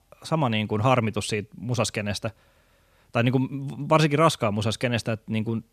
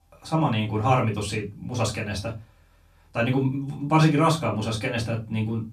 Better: first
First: none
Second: off-mic speech; far // room echo; very slight; dies away in 0.2 s

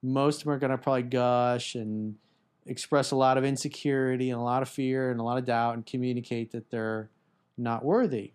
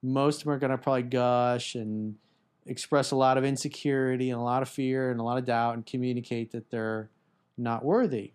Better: neither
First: none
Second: none

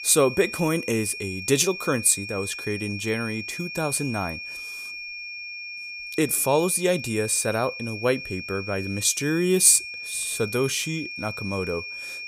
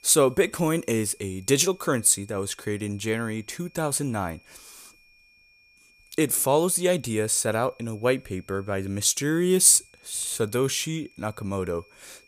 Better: second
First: high-pitched whine; loud; throughout; 2.5 kHz, 9 dB below the speech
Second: high-pitched whine; faint; throughout; 2.5 kHz, 30 dB below the speech

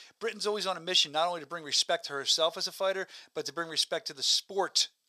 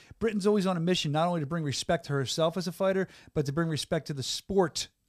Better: second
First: thin; very; fading below 600 Hz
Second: none

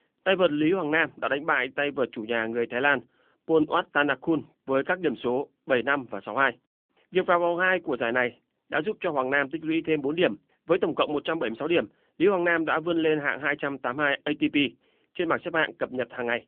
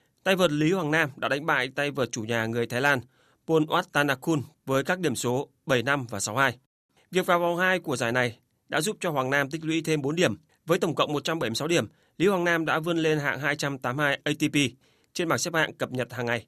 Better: second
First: phone-call audio; nothing above 3.5 kHz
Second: none

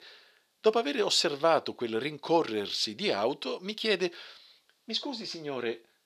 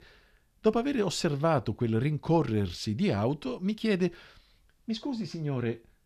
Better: second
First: thin; somewhat; fading below 450 Hz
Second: none

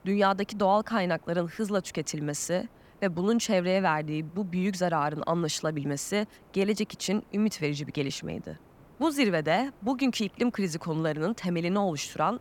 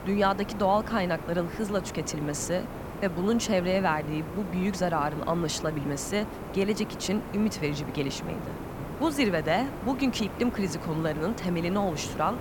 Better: first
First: hiss; faint; throughout; 30 dB below the speech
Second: hiss; loud; throughout; 9 dB below the speech

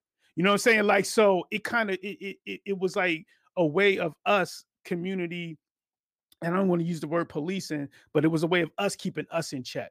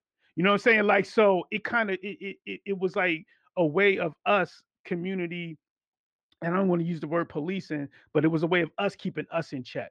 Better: first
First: none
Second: muffled; slightly; fading above 2.5 kHz

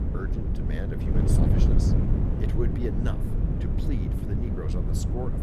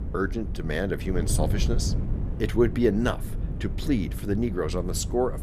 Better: second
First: wind noise on the microphone; heavy; 3 dB above the speech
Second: wind noise on the microphone; occasional gusts; 10 dB below the speech

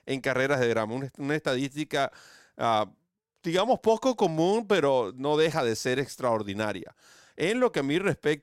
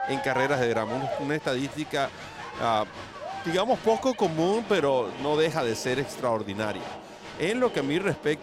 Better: first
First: none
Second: crowd noise; noticeable; throughout; 10 dB below the speech

